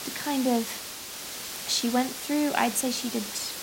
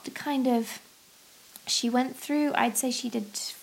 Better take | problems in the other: second | hiss; loud; throughout; 7 dB below the speech; faint in the second

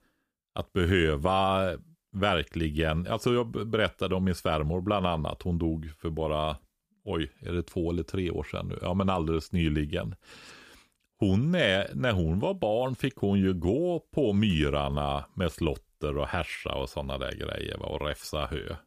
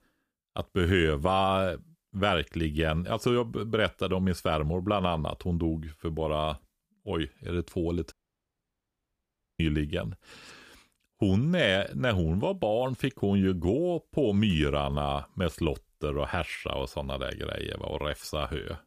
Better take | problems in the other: first | audio cutting out; at 8 s for 1.5 s

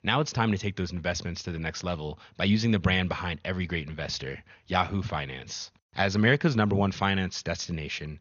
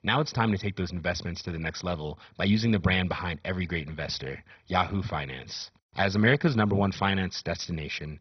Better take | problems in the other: first | garbled, watery; badly; nothing above 6 kHz; slightly in the first

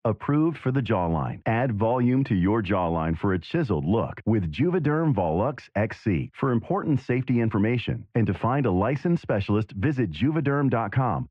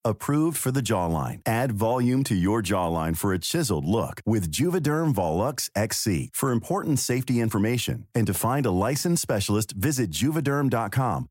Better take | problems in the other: second | muffled; very; fading above 2.5 kHz

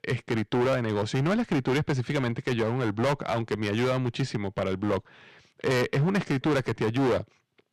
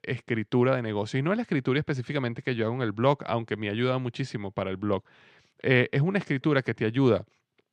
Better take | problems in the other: second | distortion; heavy; 14% of the sound clipped

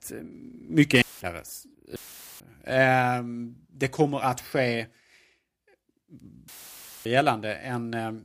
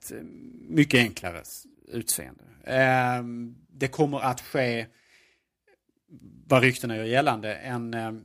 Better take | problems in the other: second | audio cutting out; filled with static; at 1 s, at 2 s and at 6.5 s for 0.5 s

